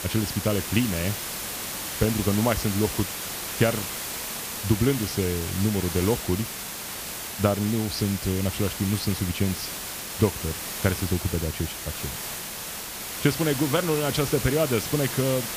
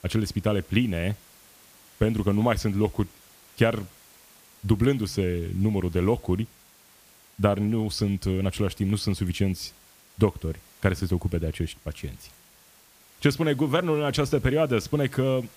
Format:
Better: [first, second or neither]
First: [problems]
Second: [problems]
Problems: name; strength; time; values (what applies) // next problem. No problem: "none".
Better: second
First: hiss; loud; throughout; 5 dB below the speech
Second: hiss; faint; throughout; 25 dB below the speech